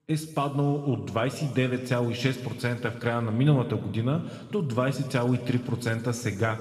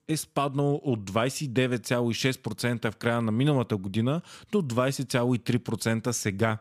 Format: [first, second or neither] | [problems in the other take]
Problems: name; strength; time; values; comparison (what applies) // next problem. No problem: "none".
second | room echo; slight; dies away in 2 s